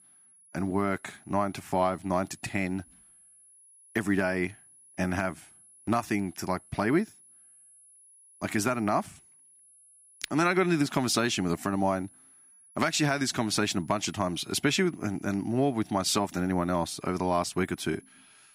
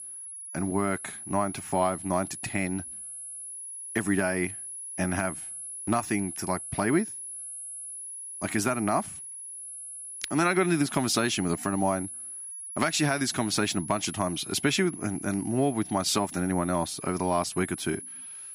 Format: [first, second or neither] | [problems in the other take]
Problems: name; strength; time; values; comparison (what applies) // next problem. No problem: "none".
first | high-pitched whine; loud; throughout; 10.5 kHz, 9 dB below the speech; faint in the first